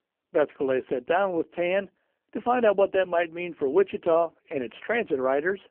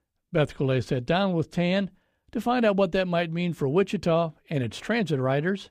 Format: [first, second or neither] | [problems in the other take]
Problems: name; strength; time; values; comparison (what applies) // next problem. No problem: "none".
second | phone-call audio; poor line; nothing above 3 kHz